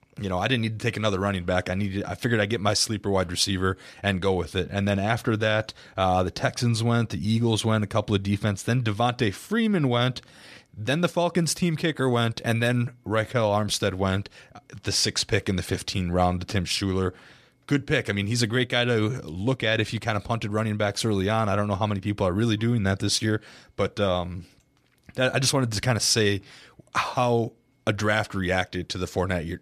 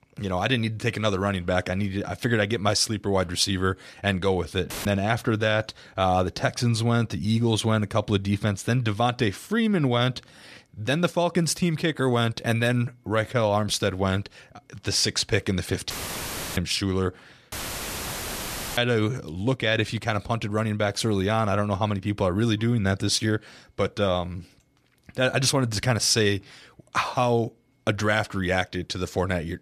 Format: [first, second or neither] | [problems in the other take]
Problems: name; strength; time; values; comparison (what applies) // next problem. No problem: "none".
first | audio cutting out; filled with static; at 4.5 s, at 16 s for 0.5 s and at 18 s for 1.5 s